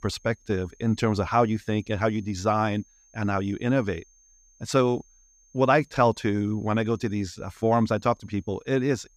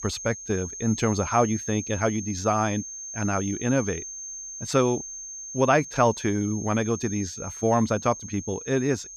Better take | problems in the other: first | high-pitched whine; loud; throughout; 6.5 kHz, 9 dB below the speech; faint in the first

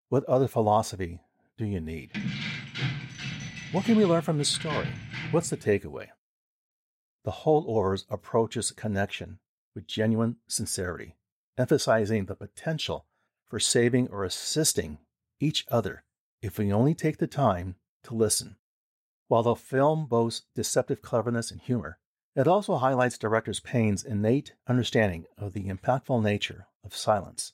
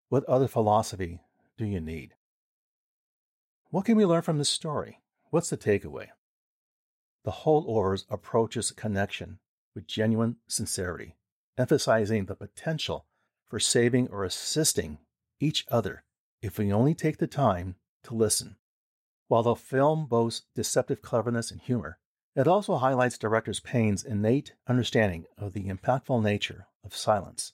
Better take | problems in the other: second | jangling keys; noticeable; from 2 to 5.5 s; peak 5 dB below the speech

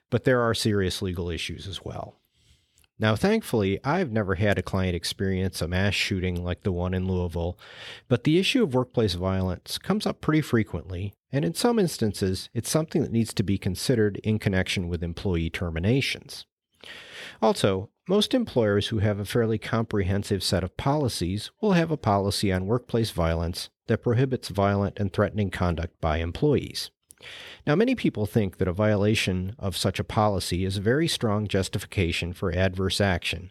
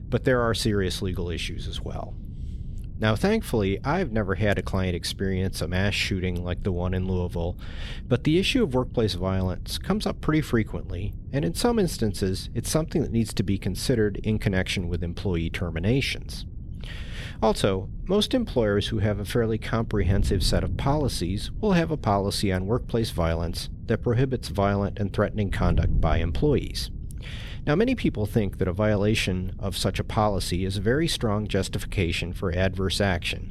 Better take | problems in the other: first | wind noise on the microphone; occasional gusts; 20 dB below the speech

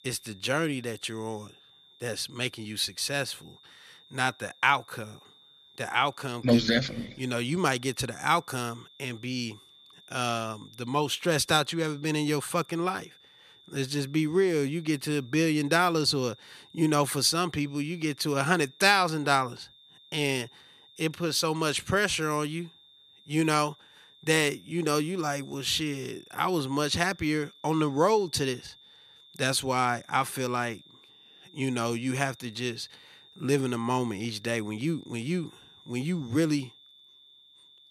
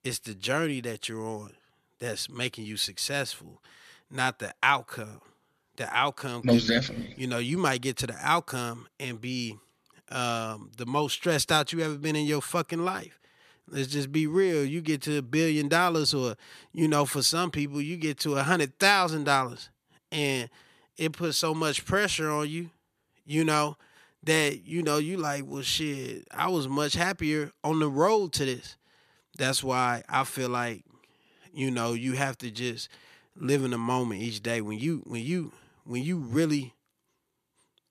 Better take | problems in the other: second | high-pitched whine; faint; throughout; 3.5 kHz, 25 dB below the speech

